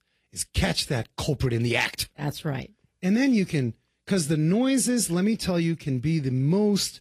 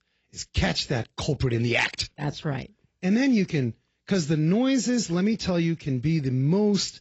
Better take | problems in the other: first | garbled, watery; badly; nothing above 7.5 kHz; slightly in the first

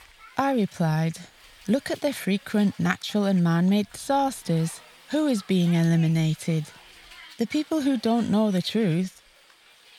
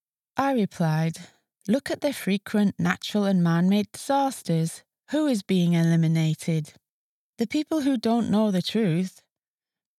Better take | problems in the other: second | hiss; faint; throughout; 25 dB below the speech

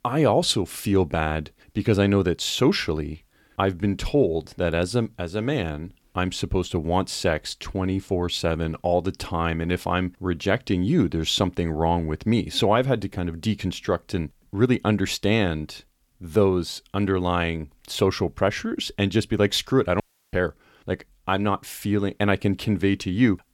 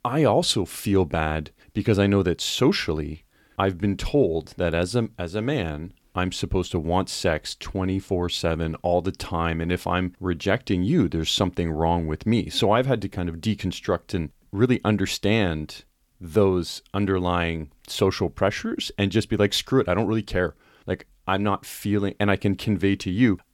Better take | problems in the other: second | audio cutting out; at 20 s

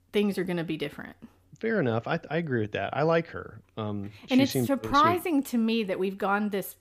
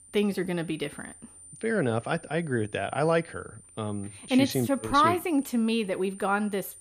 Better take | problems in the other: first | high-pitched whine; noticeable; throughout; 9 kHz, 20 dB below the speech

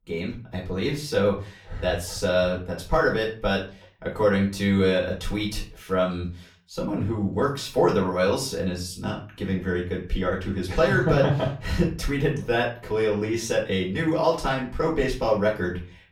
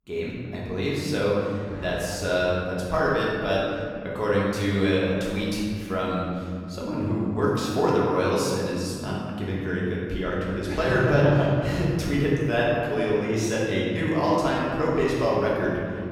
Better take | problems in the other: first | room echo; strong; dies away in 2.2 s; slight in the first // off-mic speech; far; far in the first

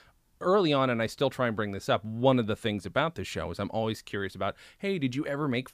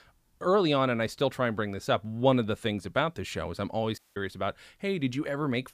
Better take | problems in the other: first | audio cutting out; at 4 s

